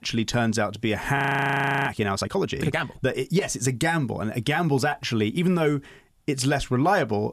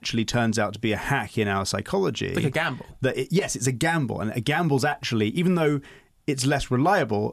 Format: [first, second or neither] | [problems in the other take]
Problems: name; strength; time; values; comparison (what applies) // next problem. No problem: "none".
second | audio freezing; at 1 s for 0.5 s